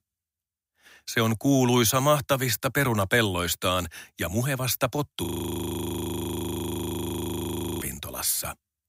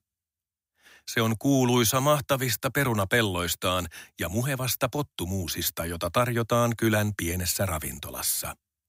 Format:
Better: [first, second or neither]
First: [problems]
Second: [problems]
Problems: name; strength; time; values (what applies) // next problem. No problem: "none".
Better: second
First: audio freezing; at 5.5 s for 2.5 s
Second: none